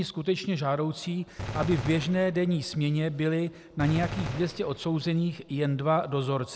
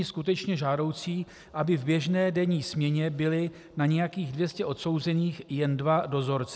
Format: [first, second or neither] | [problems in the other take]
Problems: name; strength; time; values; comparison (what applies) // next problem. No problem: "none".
second | background sound (Gunshot, gunfire); 10 dB below the speech